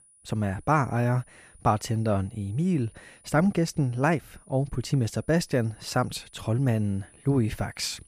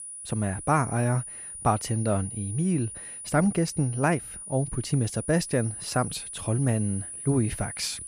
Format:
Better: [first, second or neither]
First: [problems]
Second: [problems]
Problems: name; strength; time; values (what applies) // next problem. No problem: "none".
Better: first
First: high-pitched whine; faint; throughout; 9.5 kHz, 30 dB below the speech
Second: high-pitched whine; loud; throughout; 9.5 kHz, 9 dB below the speech